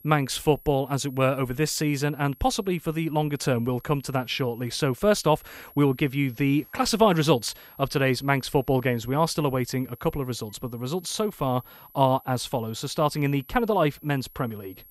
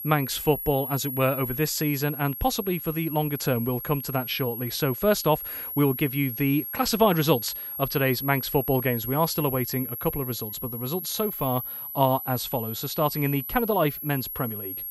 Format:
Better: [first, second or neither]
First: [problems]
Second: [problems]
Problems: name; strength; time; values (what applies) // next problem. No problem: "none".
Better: first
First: high-pitched whine; faint; throughout; 11.5 kHz, 25 dB below the speech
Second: high-pitched whine; loud; throughout; 11.5 kHz, 6 dB below the speech